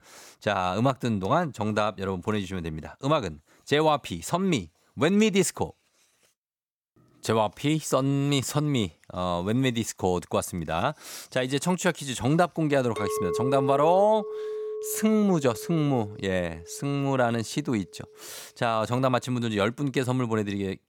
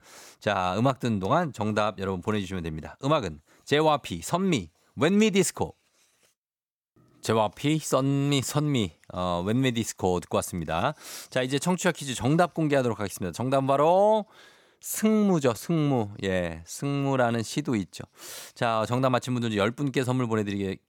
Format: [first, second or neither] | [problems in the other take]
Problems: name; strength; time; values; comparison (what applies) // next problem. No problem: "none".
second | clattering dishes; noticeable; from 13 to 17 s; peak 2 dB below the speech